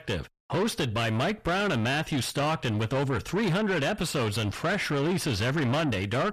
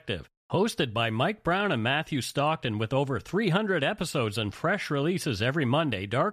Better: second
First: distortion; heavy; 7 dB below the speech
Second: none

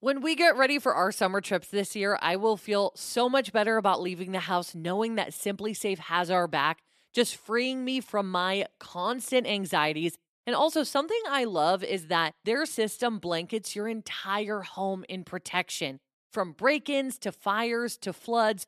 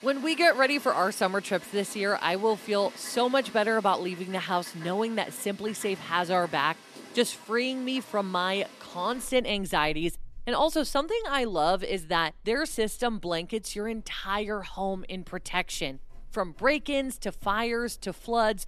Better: first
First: none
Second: animal sounds; noticeable; throughout; 20 dB below the speech

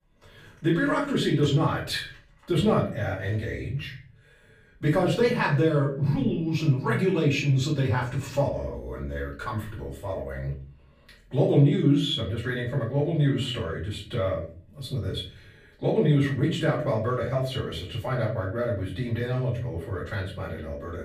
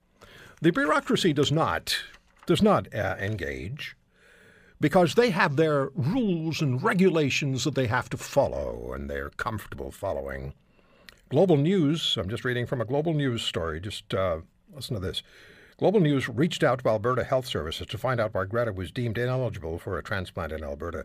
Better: second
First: off-mic speech; far // room echo; slight; dies away in 0.5 s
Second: none

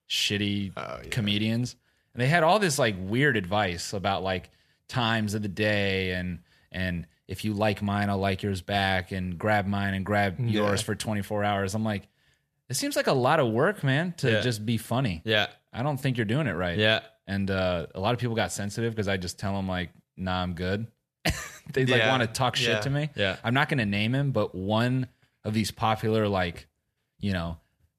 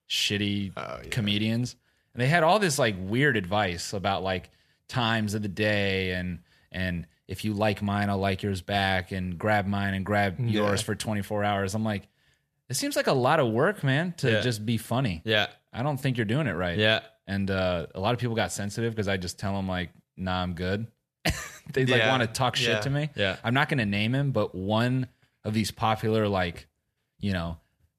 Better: neither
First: none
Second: none

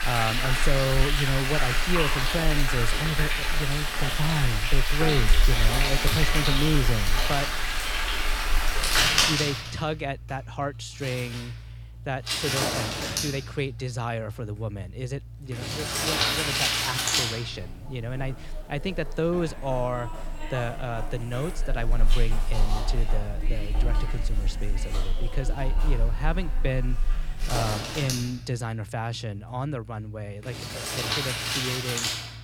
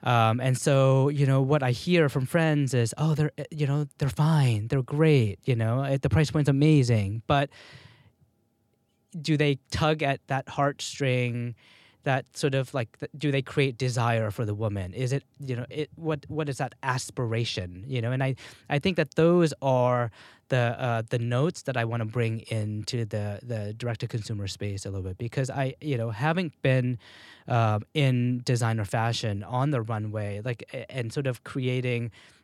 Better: second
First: household noises; very loud; throughout; 4 dB above the speech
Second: none

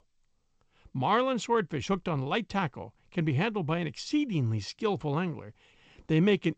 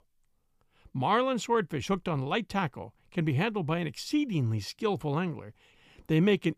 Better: second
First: garbled, watery; slightly; nothing above 7.5 kHz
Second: none

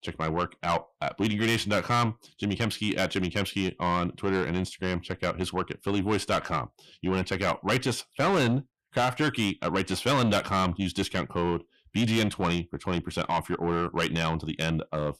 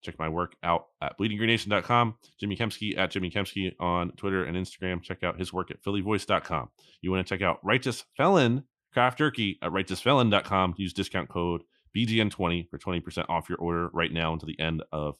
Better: second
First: distortion; heavy; 6 dB below the speech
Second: none

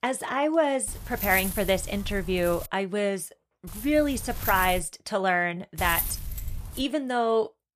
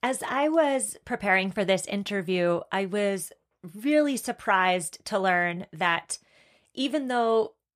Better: second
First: wind noise on the microphone; occasional gusts; from 1 to 2.5 s, from 3.5 to 5 s and from 6 to 7 s; 15 dB below the speech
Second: none

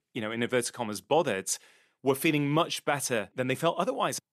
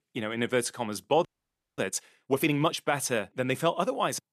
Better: first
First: none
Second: audio freezing; at 1.5 s for 0.5 s

